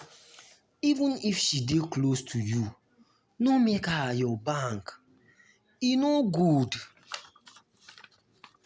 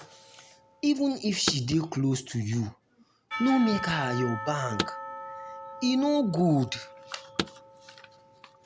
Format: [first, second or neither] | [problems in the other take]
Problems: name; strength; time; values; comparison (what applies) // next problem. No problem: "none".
first | background sound (Church bell / Percussion + Car); 10 dB below the speech